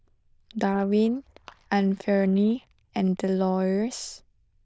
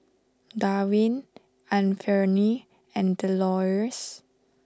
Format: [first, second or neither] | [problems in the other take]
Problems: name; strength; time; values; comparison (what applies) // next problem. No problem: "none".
second | noise reduction (neural diffusion model UNIVERSE++)